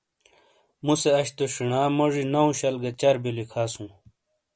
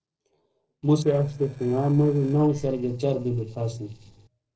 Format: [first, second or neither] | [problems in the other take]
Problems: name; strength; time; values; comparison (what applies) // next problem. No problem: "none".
first | noise reduction (neural separator model SepFormer DNS4)